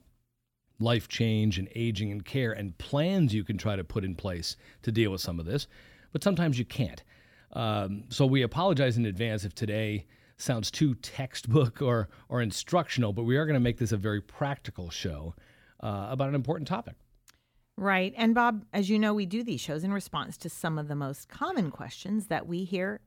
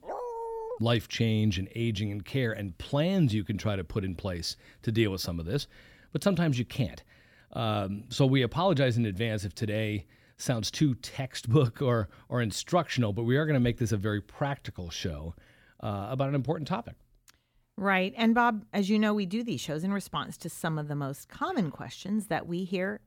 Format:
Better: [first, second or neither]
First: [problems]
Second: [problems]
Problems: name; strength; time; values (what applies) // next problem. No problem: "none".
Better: first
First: none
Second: dog barking; noticeable; at the start; peak 7 dB below the speech